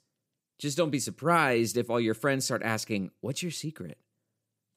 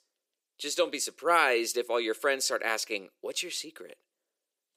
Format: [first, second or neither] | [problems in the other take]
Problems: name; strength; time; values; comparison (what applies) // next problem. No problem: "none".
first | thin; very; fading below 400 Hz